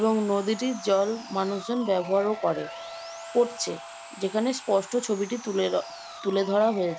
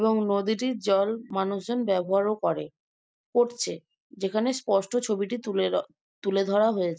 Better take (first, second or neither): second